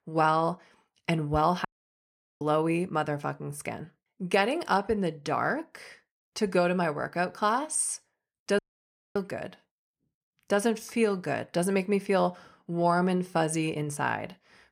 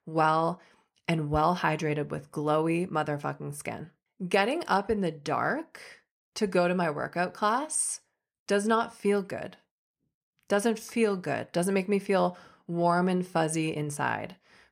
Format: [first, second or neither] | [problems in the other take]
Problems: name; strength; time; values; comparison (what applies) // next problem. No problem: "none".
second | audio cutting out; at 1.5 s for 1 s and at 8.5 s for 0.5 s